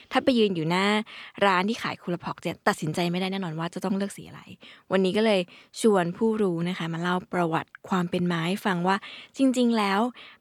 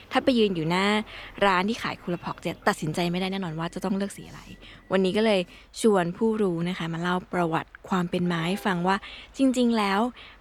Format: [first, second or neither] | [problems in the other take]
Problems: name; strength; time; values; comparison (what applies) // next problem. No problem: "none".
first | train or aircraft noise; faint; throughout; 25 dB below the speech